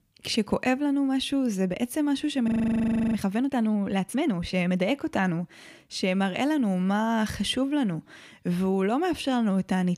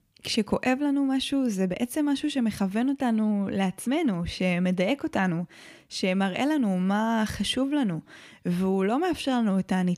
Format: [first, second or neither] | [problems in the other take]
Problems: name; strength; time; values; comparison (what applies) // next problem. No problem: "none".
second | audio freezing; at 2.5 s for 0.5 s